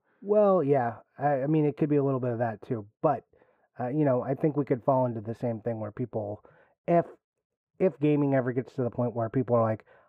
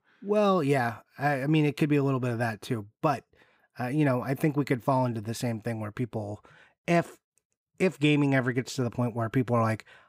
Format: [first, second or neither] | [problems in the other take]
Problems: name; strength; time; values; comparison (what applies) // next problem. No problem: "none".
second | muffled; very; fading above 2.5 kHz